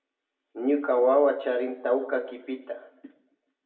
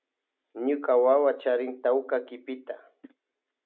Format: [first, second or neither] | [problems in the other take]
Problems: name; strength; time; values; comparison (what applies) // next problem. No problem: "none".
second | room echo; dies away in 0.6 s